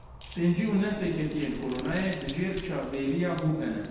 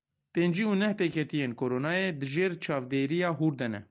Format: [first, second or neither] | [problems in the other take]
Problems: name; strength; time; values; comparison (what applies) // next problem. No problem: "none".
second | background sound (Keys jangling); 16 dB below the speech // room echo; dies away in 1.1 s